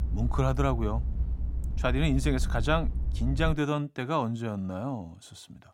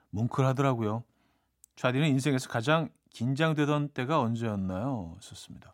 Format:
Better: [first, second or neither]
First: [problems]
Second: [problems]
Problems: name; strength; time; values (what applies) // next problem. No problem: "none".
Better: second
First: low rumble; noticeable; until 3.5 s; 20 dB below the speech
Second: none